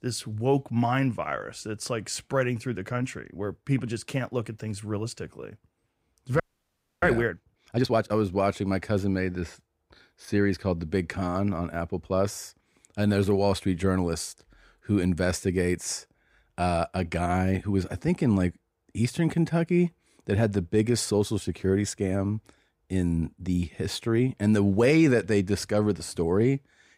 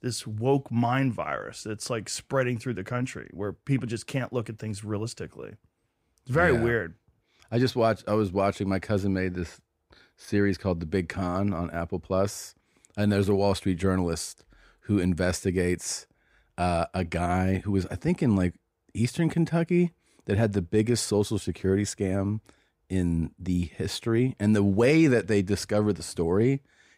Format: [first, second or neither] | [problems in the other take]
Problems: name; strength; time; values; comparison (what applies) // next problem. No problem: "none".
second | audio freezing; at 6.5 s for 0.5 s